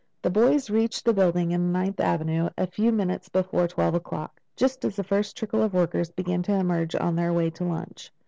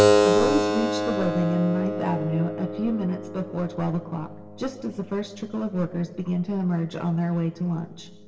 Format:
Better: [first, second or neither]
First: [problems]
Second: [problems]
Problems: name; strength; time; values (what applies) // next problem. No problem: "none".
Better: first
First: none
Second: background sound (Keyboard (musical)); as loud as the speech // room echo; dies away in 1 s